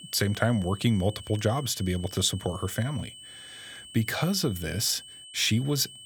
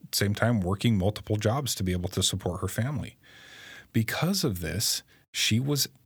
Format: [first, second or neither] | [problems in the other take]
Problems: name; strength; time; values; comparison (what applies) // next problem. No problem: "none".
second | high-pitched whine; noticeable; throughout; 3 kHz, 15 dB below the speech